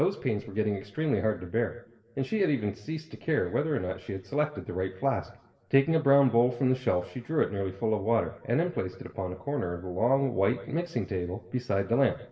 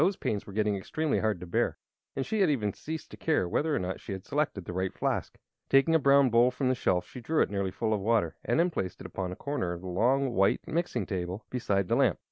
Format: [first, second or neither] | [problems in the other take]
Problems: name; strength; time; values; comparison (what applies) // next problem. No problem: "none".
second | room echo; dies away in 0.8 s